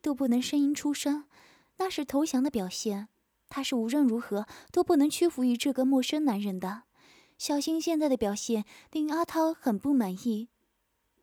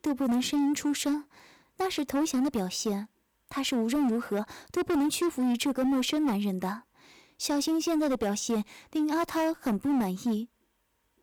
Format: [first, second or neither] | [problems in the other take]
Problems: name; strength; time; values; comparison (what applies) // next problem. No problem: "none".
first | distortion; slight; 15% of the sound clipped